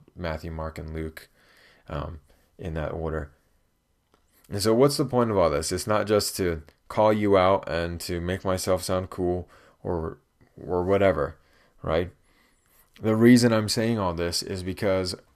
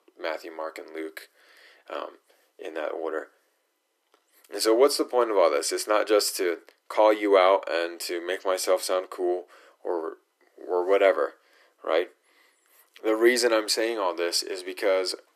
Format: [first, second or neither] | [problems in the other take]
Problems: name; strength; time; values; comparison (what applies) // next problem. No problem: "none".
first | thin; very; fading below 300 Hz